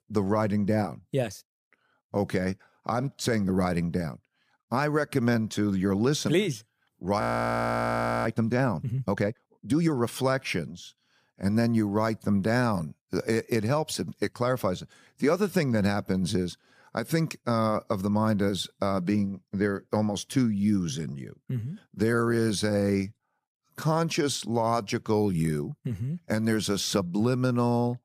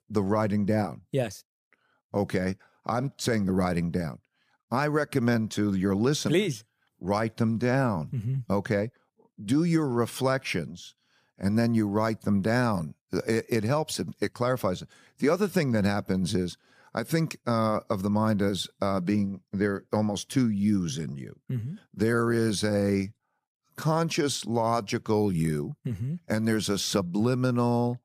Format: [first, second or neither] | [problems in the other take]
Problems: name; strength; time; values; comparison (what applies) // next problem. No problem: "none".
second | audio freezing; at 7 s for 1 s